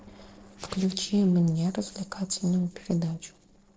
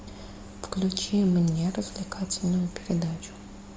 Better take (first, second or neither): second